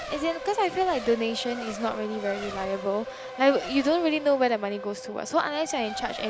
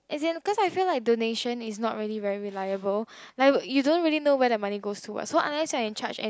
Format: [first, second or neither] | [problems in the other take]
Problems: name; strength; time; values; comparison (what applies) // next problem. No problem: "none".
second | background sound (Race car, auto racing); 11 dB below the speech